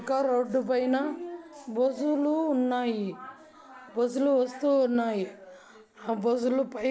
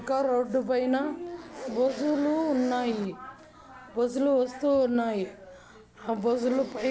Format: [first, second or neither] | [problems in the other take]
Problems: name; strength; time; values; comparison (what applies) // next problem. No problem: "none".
first | background sound (Zipper (clothing)); 18 dB below the speech